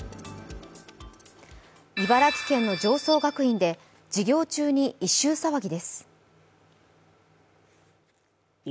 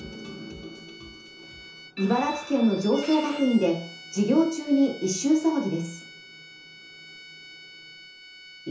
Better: first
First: none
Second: background sound (Bowed string instrument); 18 dB below the speech // room echo; dies away in 0.6 s

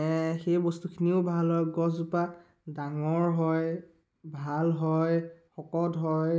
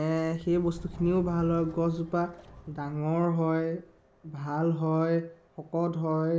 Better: first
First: none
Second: background sound (Subway, metro, underground); 20 dB below the speech

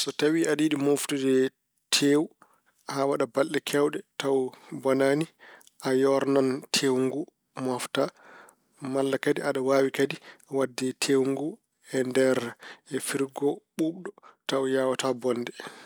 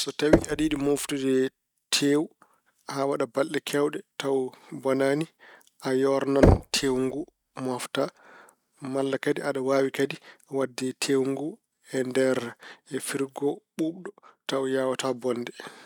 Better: first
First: none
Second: noise reduction (neural mask model RNNoise)

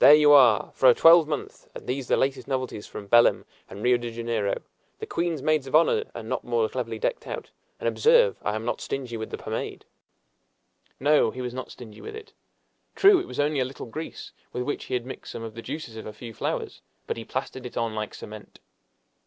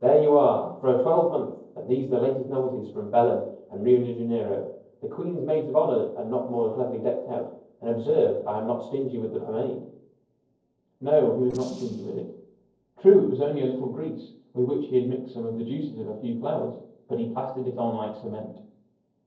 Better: first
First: none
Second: noise reduction (neural separator model SepFormer DNS4)

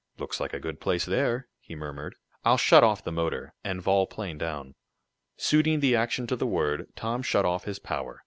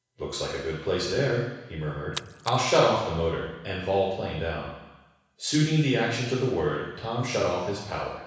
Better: first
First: none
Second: background sound (Splash, splatter); 15 dB below the speech // room echo; dies away in 1.1 s

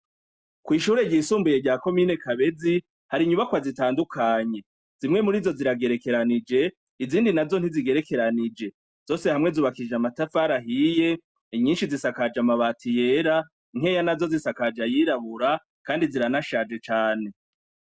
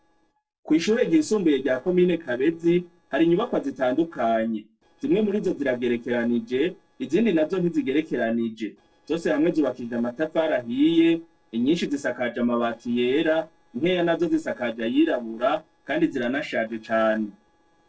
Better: first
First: none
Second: noise reduction (neural separator model SepFormer DNS4)

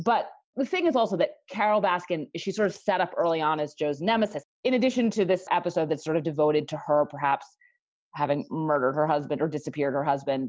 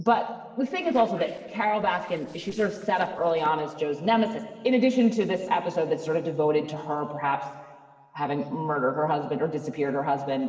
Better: first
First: none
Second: noise reduction (neural separator model SepFormer DNS4)

